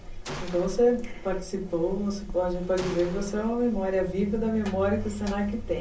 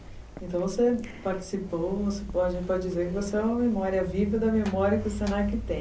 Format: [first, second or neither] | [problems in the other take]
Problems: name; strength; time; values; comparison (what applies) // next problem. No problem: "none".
second | background sound (Gunshot, gunfire); 18 dB below the speech // room echo; dies away in 0.2 s